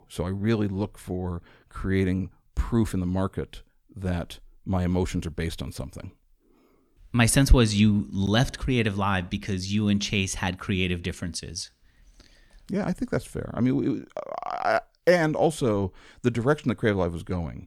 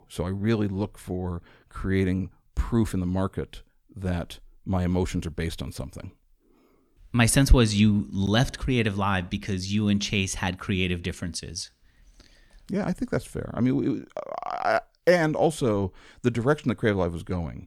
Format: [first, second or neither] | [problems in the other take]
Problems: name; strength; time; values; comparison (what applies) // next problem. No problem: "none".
neither | none